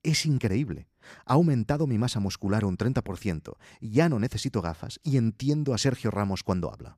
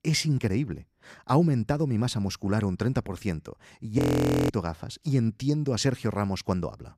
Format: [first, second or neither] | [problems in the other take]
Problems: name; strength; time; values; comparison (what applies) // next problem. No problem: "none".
first | audio freezing; at 4 s for 0.5 s